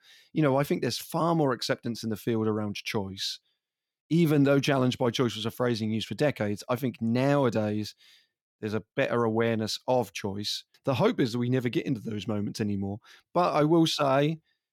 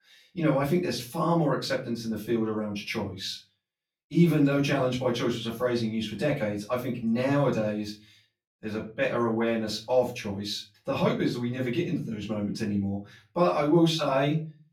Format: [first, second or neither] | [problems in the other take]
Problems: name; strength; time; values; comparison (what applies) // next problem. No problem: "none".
first | off-mic speech; far // room echo; slight; dies away in 0.3 s